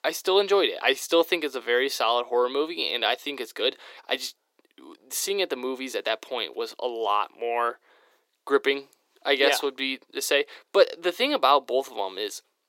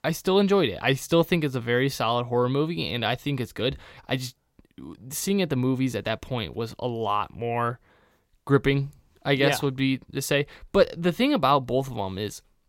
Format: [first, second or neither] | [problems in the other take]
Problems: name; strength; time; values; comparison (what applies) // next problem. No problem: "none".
second | thin; very; fading below 350 Hz